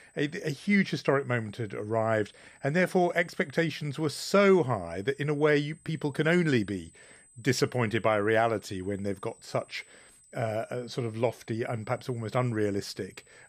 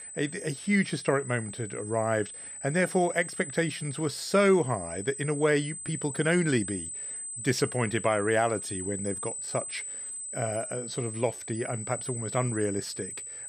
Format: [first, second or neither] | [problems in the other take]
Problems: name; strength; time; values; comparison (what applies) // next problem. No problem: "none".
first | high-pitched whine; loud; throughout; 8 kHz, 7 dB below the speech; faint in the first